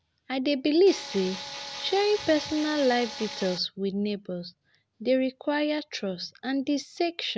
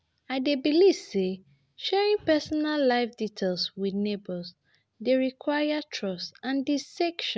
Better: second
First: background sound (Tools); 10 dB below the speech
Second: none

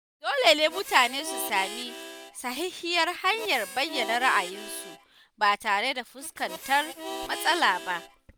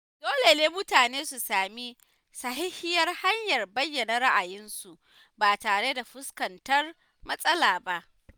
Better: second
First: background sound (Harmonica); 12 dB below the speech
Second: none

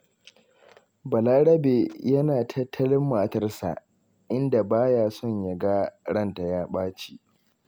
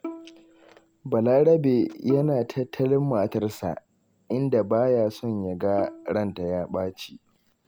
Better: first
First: none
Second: background sound (Bowed string instrument); 19 dB below the speech

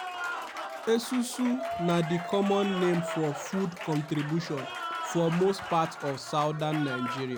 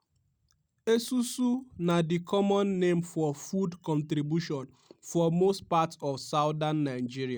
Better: second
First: background sound (Applause); 8 dB below the speech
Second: none

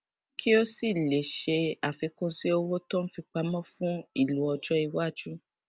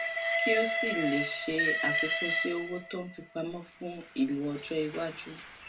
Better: first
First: none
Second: background sound (Train); 1 dB above the speech // room echo; dies away in 0.2 s

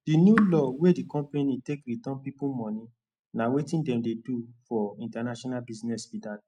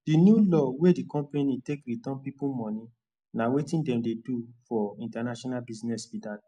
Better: second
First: noise reduction (neural mask model RNNoise)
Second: none

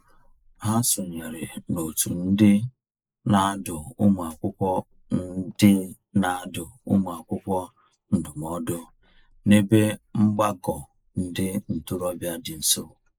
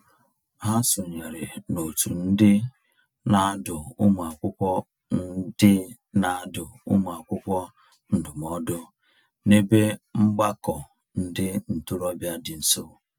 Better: second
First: noise reduction (neural mask model Resemble Enhance denoiser)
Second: none

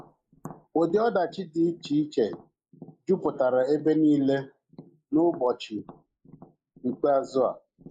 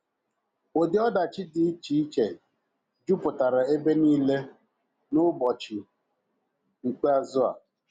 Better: second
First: noise reduction (neural mask model Resemble Enhance denoiser)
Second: none

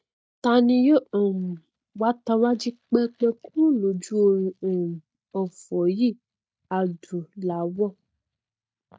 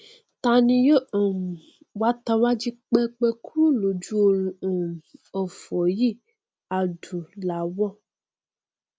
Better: second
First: noise reduction (neural mask model DeepFilterNet 3)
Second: none

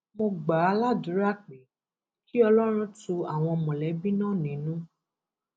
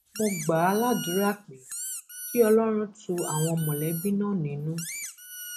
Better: first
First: none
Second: background sound (Squeak); 12 dB below the speech

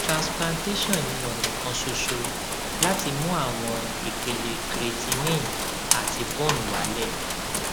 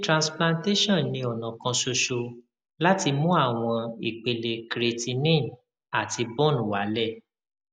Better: second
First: background sound (Rain); 2 dB above the speech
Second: none

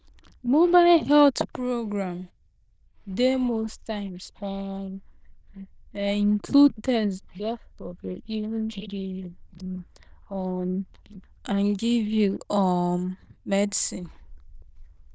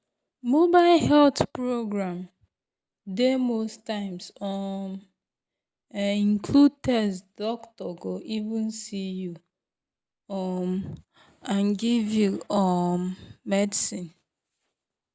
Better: second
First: noise reduction (neural diffusion model UNIVERSE++)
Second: none

